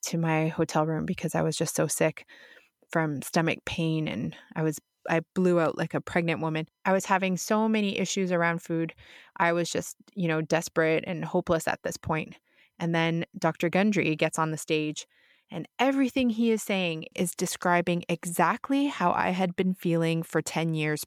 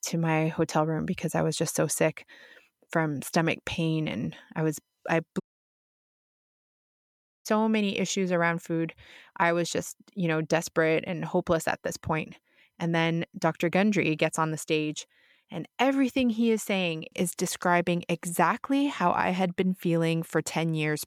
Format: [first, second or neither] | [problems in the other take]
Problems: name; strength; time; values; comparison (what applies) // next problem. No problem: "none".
first | audio cutting out; at 5.5 s for 2 s